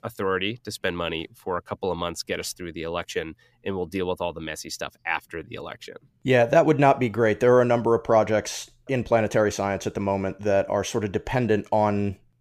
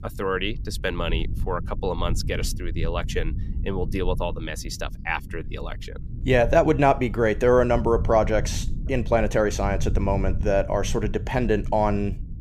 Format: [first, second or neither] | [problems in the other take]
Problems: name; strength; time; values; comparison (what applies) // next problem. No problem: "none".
first | low rumble; faint; throughout; 20 dB below the speech